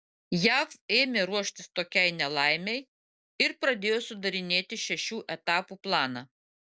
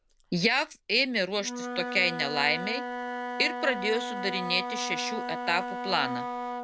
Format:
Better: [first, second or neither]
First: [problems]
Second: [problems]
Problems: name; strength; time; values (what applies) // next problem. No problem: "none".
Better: first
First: none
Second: background sound (Wind instrument, woodwind instrument); 5 dB below the speech